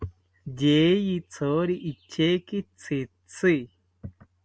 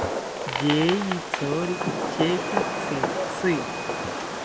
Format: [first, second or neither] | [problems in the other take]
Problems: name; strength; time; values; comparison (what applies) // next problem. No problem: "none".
first | background sound (Fireworks); as loud as the speech